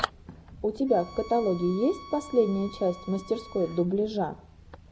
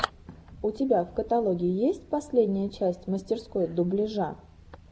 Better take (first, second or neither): second